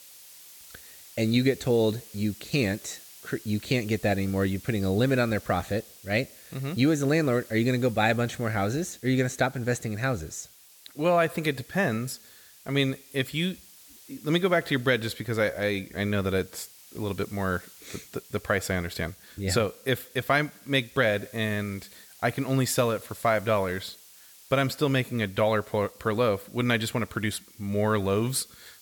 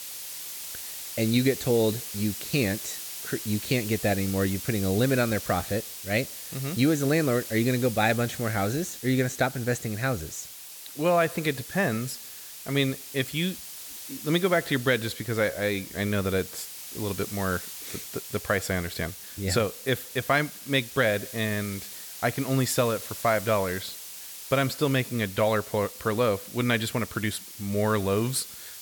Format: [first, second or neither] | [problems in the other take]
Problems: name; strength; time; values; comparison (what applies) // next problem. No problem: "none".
first | hiss; loud; throughout; 10 dB below the speech; faint in the first